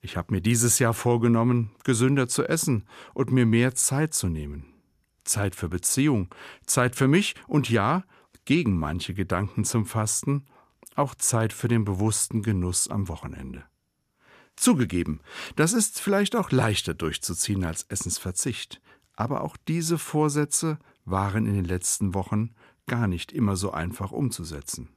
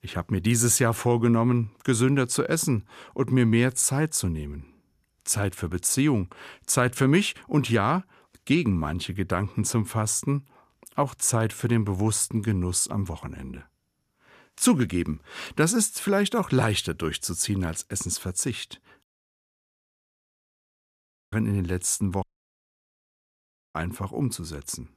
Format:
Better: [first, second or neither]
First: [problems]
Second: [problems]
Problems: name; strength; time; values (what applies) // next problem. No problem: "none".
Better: first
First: none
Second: audio cutting out; at 19 s for 2.5 s and at 22 s for 1.5 s